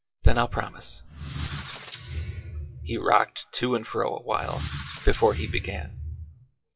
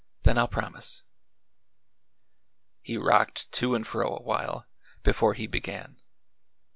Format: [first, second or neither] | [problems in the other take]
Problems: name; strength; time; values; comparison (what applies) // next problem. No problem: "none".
second | noise reduction (classical method WPE with log-MMSE)